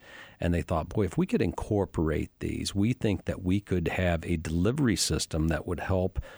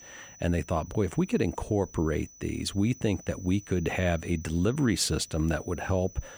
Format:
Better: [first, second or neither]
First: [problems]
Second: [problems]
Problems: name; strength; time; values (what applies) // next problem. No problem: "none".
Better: first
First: none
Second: high-pitched whine; faint; throughout; 6 kHz, 20 dB below the speech